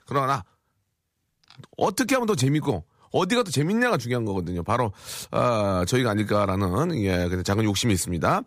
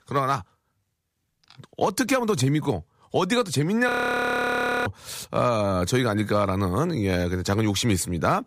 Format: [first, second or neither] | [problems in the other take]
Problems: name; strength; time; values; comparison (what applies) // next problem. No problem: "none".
first | audio freezing; at 4 s for 1 s